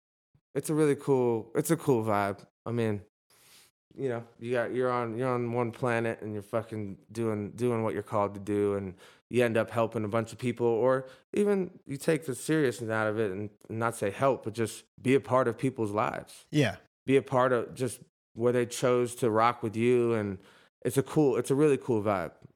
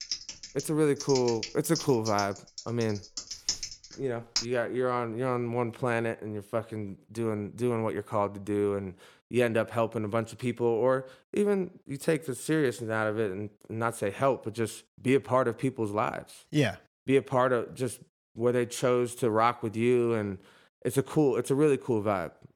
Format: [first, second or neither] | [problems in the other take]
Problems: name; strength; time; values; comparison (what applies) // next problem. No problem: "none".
first | keyboard typing; noticeable; until 4.5 s; peak 2 dB below the speech